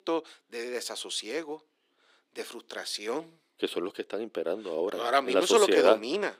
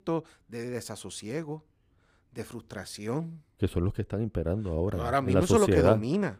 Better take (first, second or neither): second